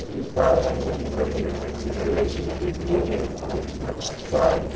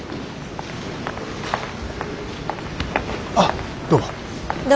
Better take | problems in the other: second | noise reduction (neural separator model SepFormer DNS4)

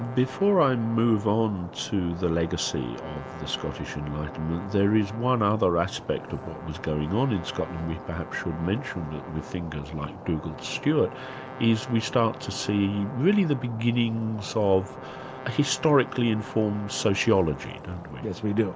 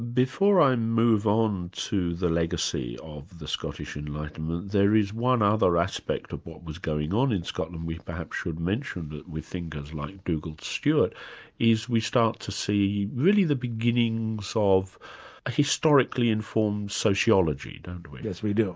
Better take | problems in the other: second | background sound (Stream + Brass instrument); 13 dB below the speech

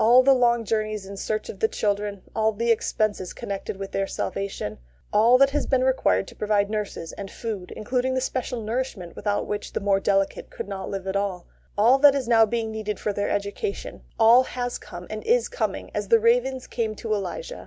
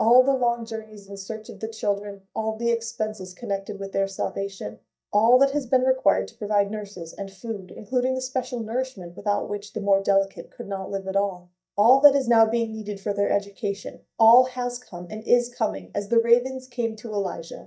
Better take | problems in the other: first | noise reduction (neural mask model DeepFilterNet 3)

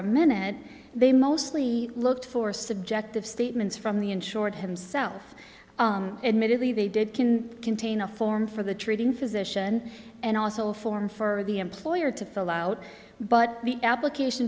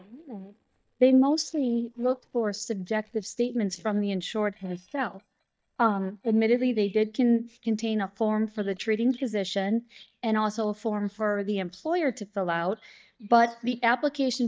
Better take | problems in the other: first | noise reduction (neural mask model DeepFilterNet 3)

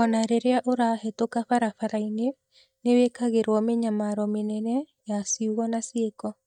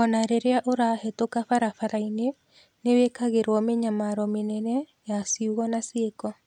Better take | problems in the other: second | noise reduction (neural mask model DeepFilterNet 3)

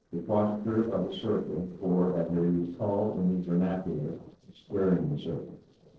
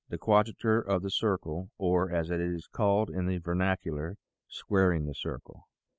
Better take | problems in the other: second | noise reduction (neural separator model SepFormer DNS4)

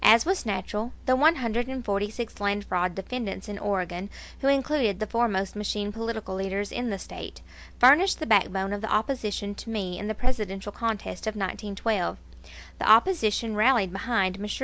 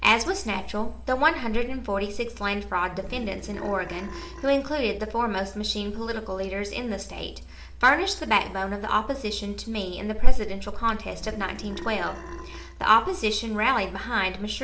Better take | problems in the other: first | background sound (Burping, eructation); 16 dB below the speech // room echo; dies away in 1.2 s

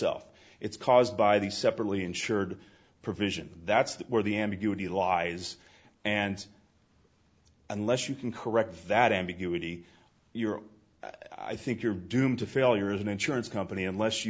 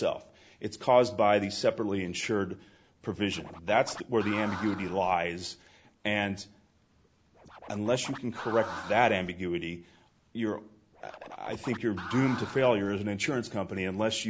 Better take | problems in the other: first | background sound (Scratching (performance technique)); 12 dB below the speech

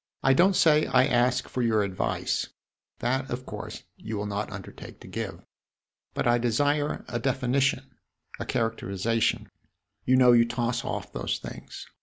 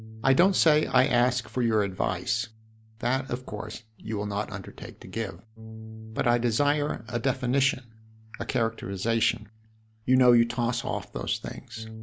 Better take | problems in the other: first | background sound (Bass guitar); 18 dB below the speech

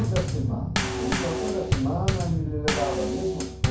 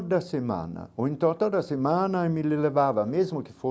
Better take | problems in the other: second | background sound (Bass drum / Snare drum / Drum kit); 3 dB above the speech // room echo; dies away in 0.6 s

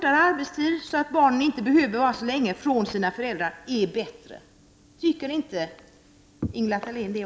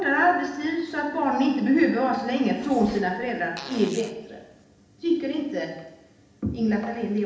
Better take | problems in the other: first | background sound (Fart); 18 dB below the speech // room echo; dies away in 0.8 s

